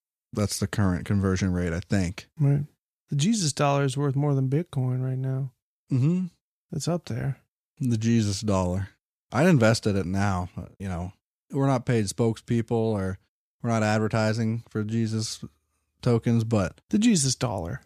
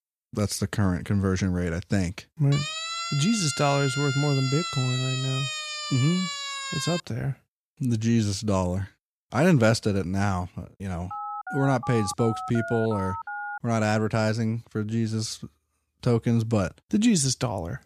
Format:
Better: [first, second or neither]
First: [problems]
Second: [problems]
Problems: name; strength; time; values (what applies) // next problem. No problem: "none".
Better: first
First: none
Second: siren; noticeable; from 2.5 to 7 s; peak 3 dB below the speech // phone ringing; noticeable; from 11 to 14 s; peak 7 dB below the speech